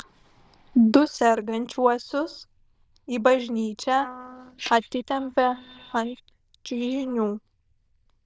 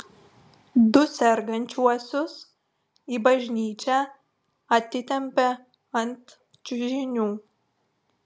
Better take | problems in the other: second | noise reduction (neural diffusion model UNIVERSE++)

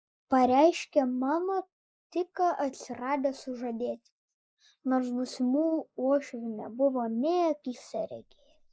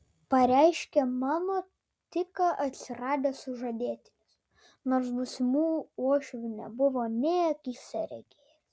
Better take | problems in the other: second | noise reduction (neural mask model Resemble Enhance denoiser)

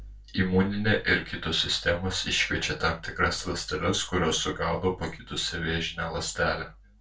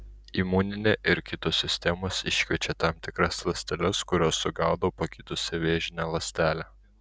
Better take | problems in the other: second | room echo; dies away in 0.2 s

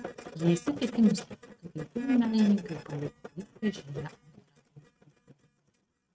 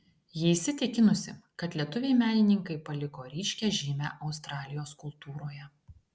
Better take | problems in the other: second | noise reduction (neural mask model RNNoise)

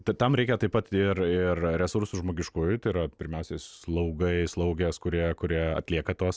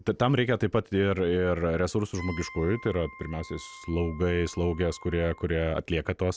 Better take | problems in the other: first | background sound (Wind instrument, woodwind instrument); 19 dB below the speech

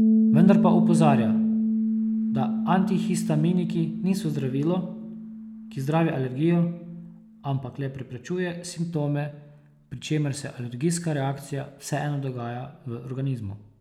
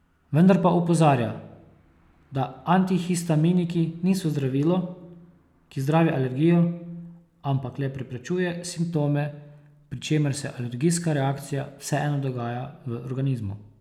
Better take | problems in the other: second | background sound (Piano); 1 dB below the speech

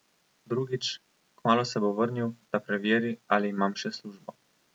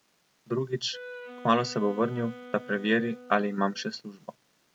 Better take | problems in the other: first | background sound (Wind instrument, woodwind instrument); 16 dB below the speech

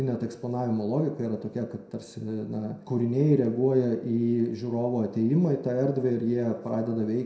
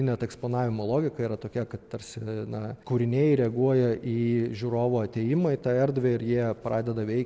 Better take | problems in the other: second | room echo; dies away in 0.6 s

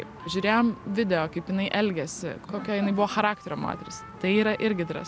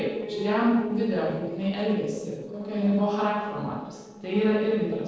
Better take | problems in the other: first | noise reduction (neural separator model SepFormer DNS4)

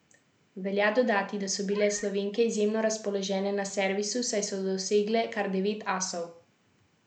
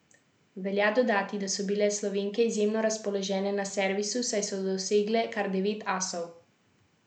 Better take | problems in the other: second | background sound (Meow); 18 dB below the speech

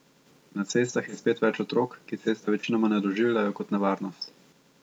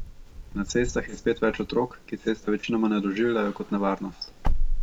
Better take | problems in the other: first | background sound (Wind / Car); 2 dB below the speech

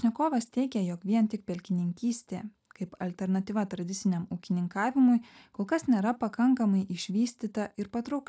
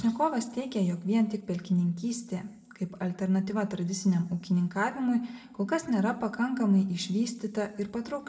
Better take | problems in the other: first | room echo; dies away in 1.1 s

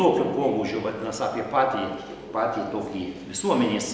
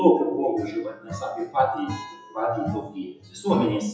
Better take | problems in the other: first | noise reduction (classical method WPE with log-MMSE)

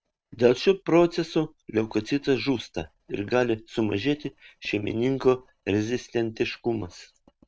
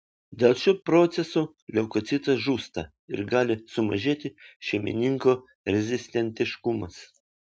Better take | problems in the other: second | noise reduction (neural mask model RNNoise)

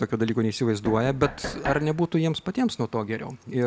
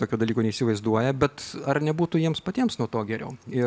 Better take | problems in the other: second | background sound (Knock); 10 dB below the speech

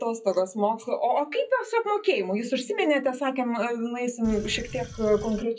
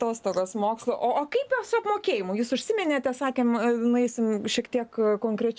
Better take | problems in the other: second | noise reduction (classical method WPE with log-MMSE)

